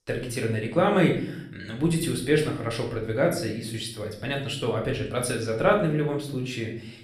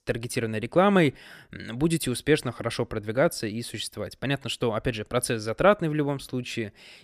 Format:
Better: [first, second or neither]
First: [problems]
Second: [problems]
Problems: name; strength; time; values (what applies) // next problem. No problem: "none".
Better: second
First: room echo; slight; dies away in 0.6 s // off-mic speech; far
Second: none